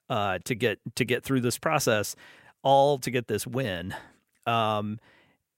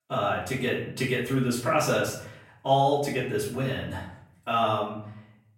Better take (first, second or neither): first